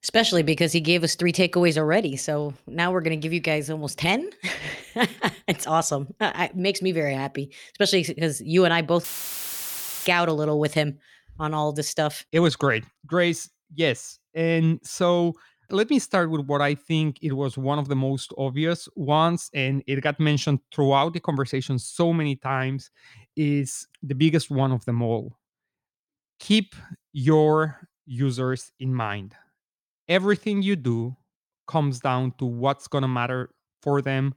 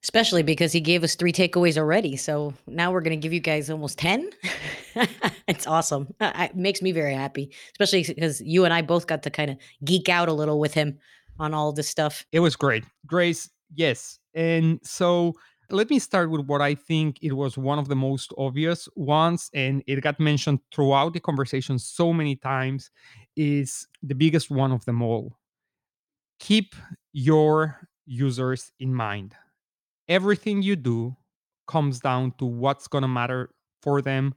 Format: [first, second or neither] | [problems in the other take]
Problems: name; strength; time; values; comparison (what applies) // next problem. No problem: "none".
second | audio cutting out; filled with static; at 9 s for 1 s